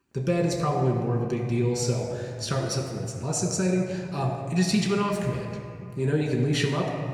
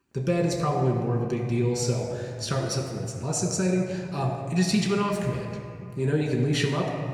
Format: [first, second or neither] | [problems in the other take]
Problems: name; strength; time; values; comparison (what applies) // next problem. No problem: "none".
neither | room echo; noticeable; dies away in 2 s; the same in both // off-mic speech; somewhat distant; the same in both